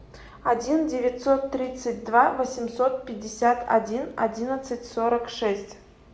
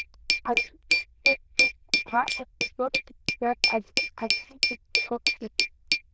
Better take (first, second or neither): first